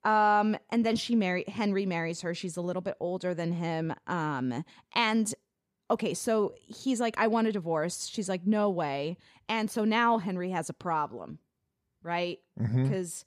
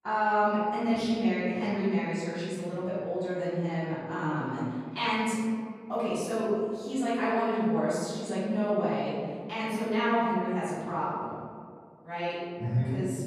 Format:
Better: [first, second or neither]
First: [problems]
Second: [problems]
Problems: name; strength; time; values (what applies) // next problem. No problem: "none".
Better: first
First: none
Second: room echo; strong; dies away in 1.9 s // off-mic speech; far